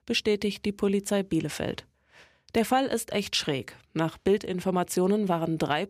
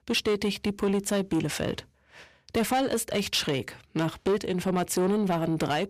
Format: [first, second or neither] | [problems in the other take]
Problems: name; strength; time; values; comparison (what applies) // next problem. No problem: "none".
first | distortion; slight; 10 dB below the speech